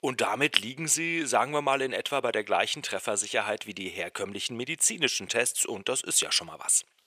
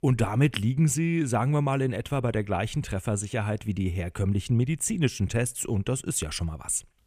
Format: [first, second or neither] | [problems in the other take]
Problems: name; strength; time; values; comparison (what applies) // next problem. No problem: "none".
second | thin; very; fading below 550 Hz